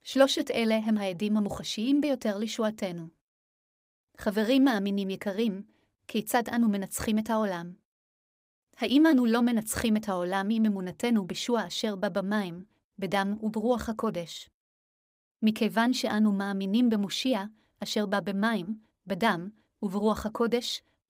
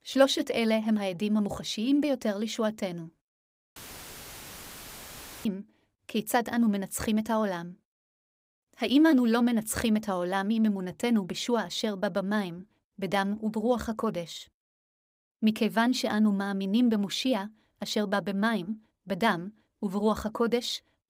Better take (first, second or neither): first